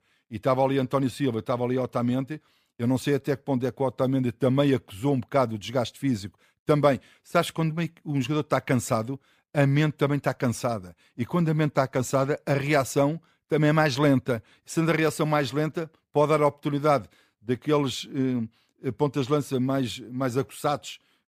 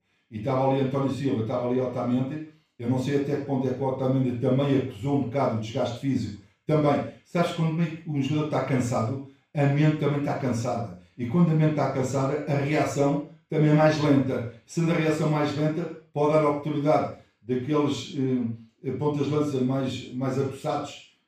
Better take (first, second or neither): first